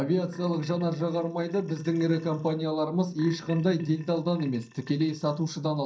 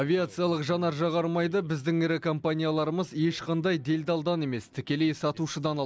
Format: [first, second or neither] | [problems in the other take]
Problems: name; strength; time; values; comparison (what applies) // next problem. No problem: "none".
second | noise reduction (neural mask model DeepFilterNet 3)